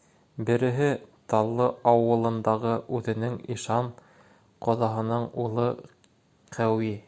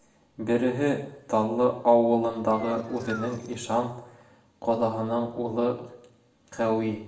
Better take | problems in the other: first | background sound (Engine); 14 dB below the speech // room echo; dies away in 0.7 s

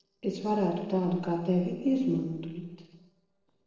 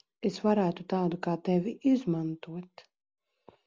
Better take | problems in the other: second | noise reduction (neural separator model SepFormer DNS4)

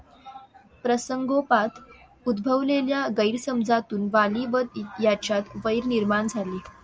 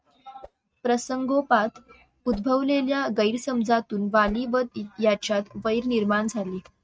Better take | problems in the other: first | noise reduction (neural mask model RNNoise)

